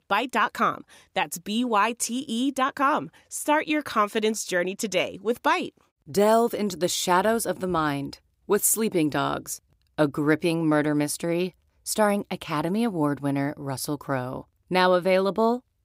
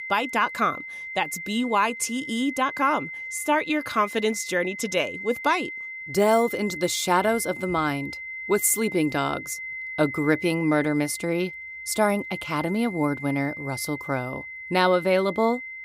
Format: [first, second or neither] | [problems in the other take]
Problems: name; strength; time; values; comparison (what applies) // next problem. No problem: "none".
first | high-pitched whine; loud; throughout; 2 kHz, 9 dB below the speech